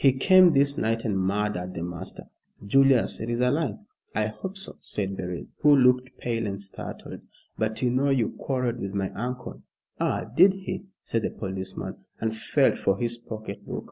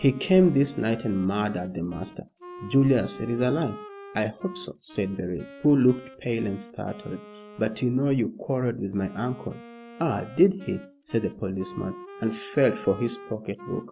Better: first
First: none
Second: background sound (Wind instrument, woodwind instrument); 18 dB below the speech

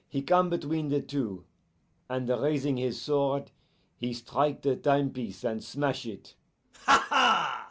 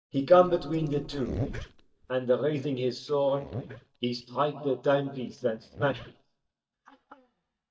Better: first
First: none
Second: noise reduction (neural mask model DeepFilterNet 3)

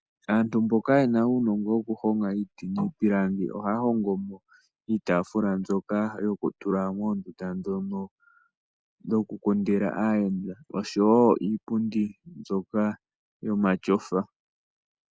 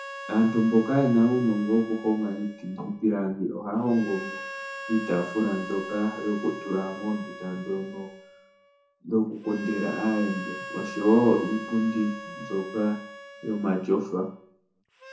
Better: first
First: none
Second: background sound (Harmonica); 14 dB below the speech // room echo; dies away in 0.6 s

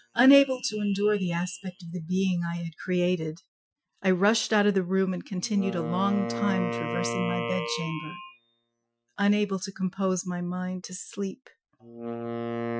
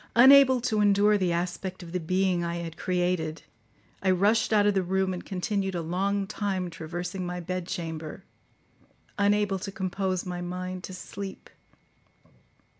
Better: second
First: noise reduction (classical method Wiener filter)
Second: none

